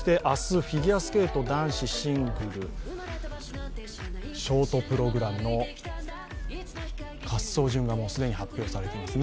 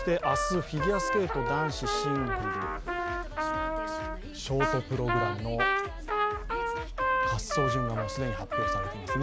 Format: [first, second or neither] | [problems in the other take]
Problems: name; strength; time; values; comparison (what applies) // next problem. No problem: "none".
first | background sound (Trumpet); 1 dB above the speech